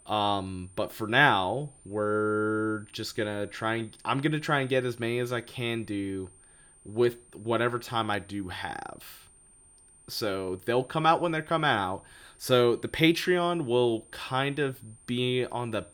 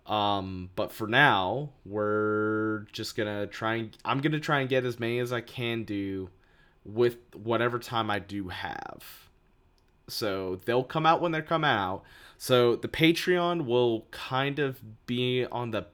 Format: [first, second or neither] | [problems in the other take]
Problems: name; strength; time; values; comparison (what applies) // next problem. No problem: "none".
second | high-pitched whine; faint; throughout; 9 kHz, 25 dB below the speech